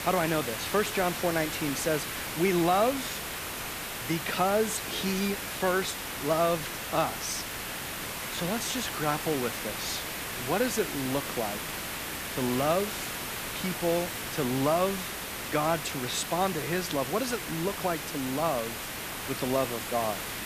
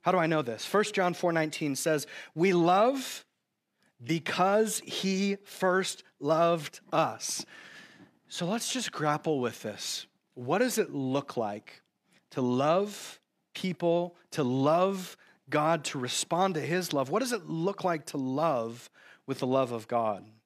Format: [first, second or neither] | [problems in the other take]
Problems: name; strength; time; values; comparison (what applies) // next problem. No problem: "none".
second | hiss; loud; throughout; 4 dB below the speech